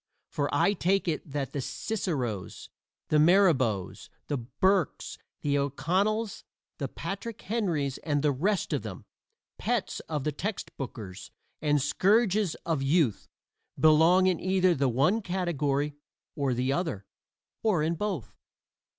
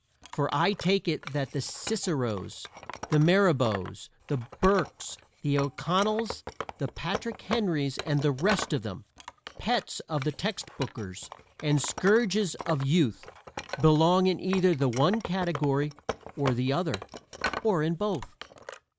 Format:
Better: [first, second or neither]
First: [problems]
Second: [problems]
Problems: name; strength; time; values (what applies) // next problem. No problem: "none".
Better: first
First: none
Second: background sound (Wood); 13 dB below the speech